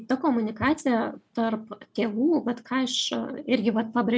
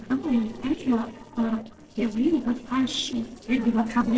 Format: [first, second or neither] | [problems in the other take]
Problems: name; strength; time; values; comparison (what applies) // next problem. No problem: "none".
first | noise reduction (neural separator model SepFormer DNS4)